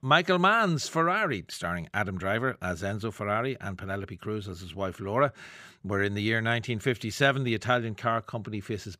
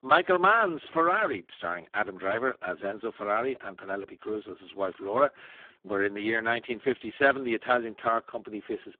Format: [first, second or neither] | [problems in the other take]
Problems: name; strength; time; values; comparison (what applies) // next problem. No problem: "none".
first | phone-call audio; poor line